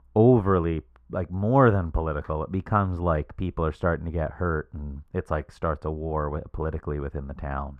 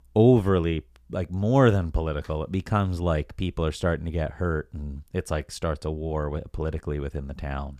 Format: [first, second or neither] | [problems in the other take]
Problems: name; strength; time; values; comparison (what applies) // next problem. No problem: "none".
second | muffled; very; fading above 2.5 kHz